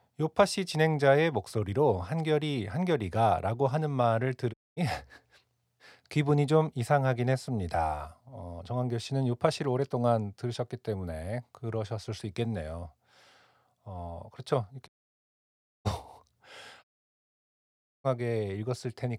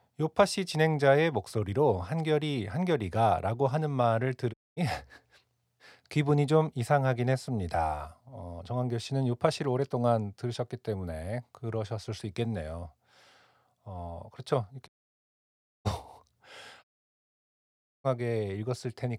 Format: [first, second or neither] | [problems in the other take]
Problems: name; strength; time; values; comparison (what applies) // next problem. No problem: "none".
neither | audio cutting out; at 4.5 s, at 15 s for 1 s and at 17 s for 1 s; the same in both